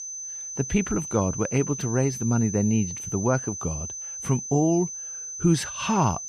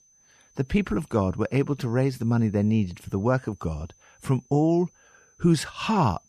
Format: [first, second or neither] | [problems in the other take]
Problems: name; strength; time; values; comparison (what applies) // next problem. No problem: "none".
second | high-pitched whine; loud; throughout; 6 kHz, 7 dB below the speech; faint in the second